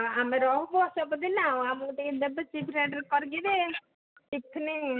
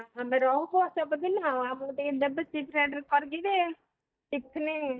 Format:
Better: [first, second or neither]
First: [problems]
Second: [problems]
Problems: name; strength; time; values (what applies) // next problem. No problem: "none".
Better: first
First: none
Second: noise reduction (neural mask model DeepFilterNet 3)